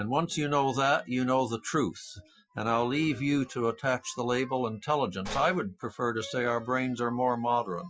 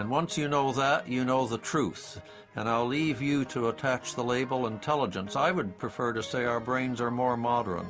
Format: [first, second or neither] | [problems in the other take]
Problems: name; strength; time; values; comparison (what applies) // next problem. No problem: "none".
second | noise reduction (classical method Wiener filter)